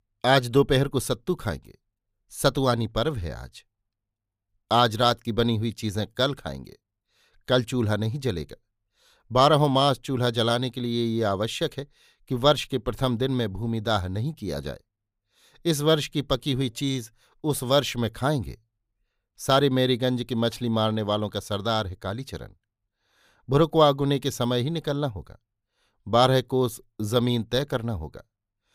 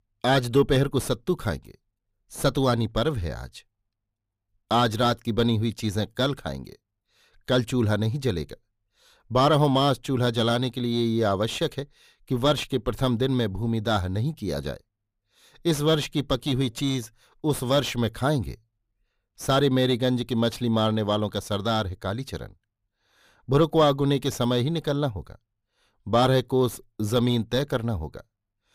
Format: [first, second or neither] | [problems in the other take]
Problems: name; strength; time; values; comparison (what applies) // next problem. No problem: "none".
first | distortion; slight; 10 dB below the speech